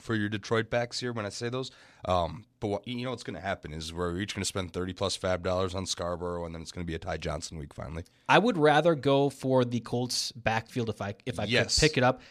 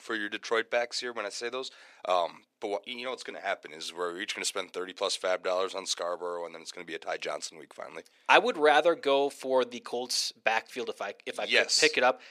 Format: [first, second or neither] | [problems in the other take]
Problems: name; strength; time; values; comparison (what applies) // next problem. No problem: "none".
first | thin; somewhat; fading below 400 Hz